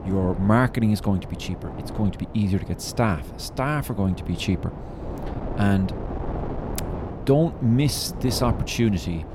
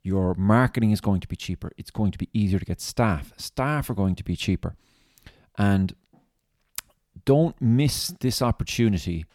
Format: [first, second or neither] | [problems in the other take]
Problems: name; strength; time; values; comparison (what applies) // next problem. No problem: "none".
second | wind noise on the microphone; occasional gusts; 10 dB below the speech